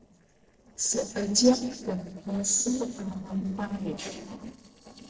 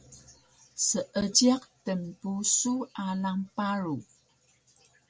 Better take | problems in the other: second | noise reduction (neural separator model SepFormer DNS4)

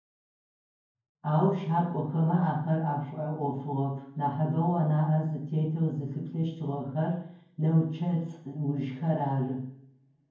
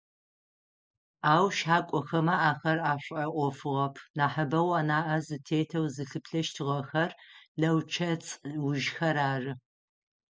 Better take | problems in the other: second | room echo; dies away in 0.9 s

